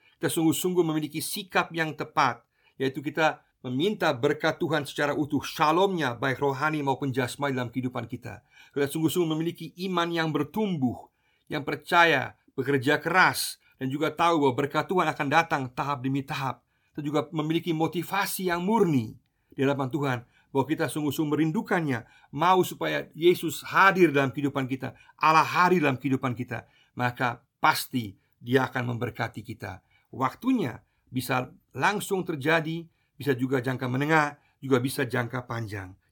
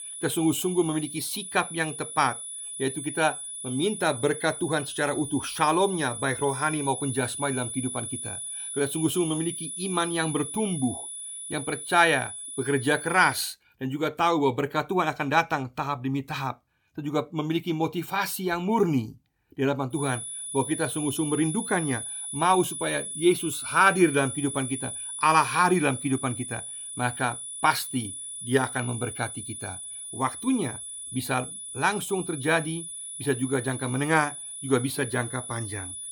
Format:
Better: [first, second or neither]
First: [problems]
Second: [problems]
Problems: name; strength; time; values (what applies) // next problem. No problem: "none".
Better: first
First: none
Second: high-pitched whine; loud; until 13 s and from 20 s on; 10 kHz, 7 dB below the speech